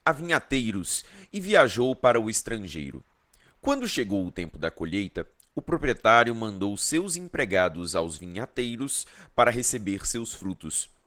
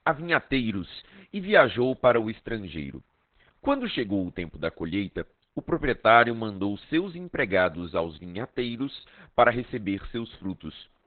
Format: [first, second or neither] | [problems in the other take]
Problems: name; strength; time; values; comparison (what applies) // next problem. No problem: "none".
first | garbled, watery; badly; nothing above 4 kHz; slightly in the first